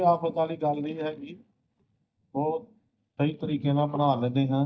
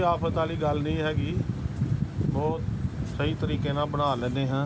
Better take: second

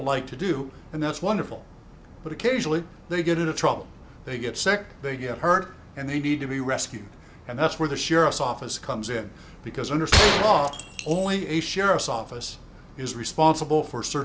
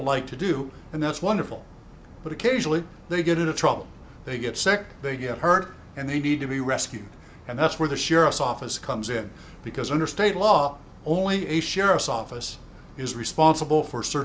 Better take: second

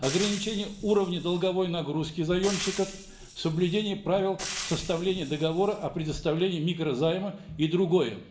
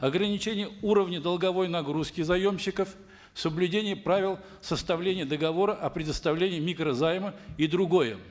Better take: second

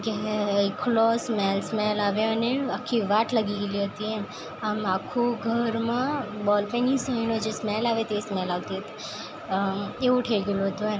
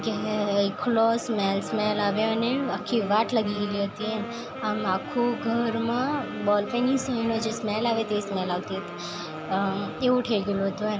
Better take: first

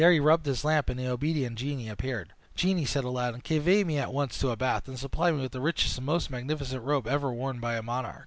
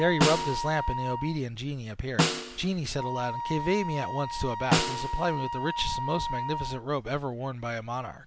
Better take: first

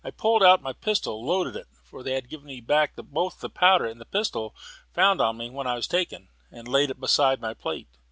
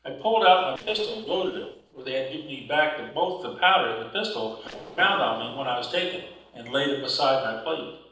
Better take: first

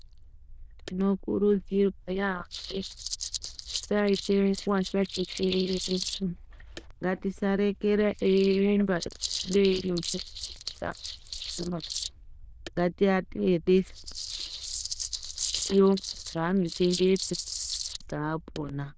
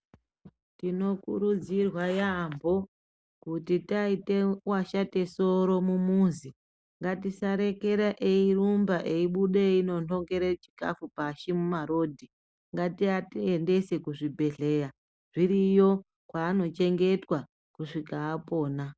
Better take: second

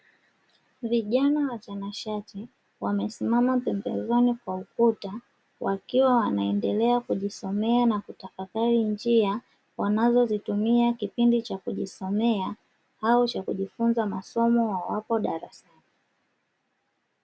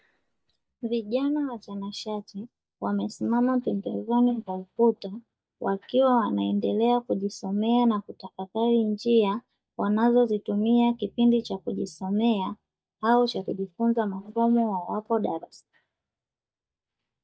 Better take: first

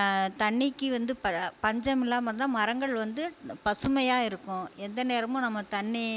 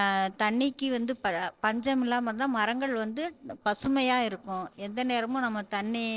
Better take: first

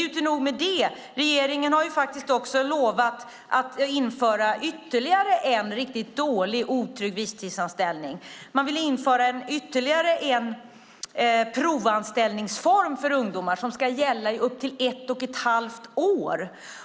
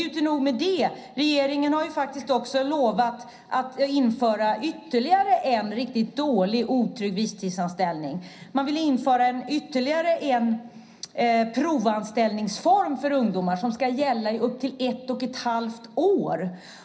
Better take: first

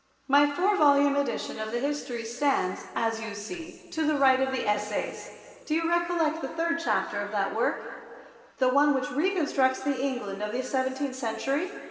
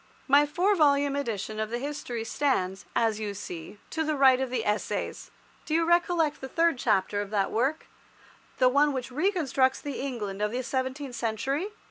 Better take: second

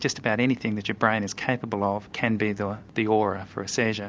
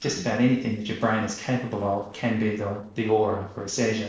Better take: first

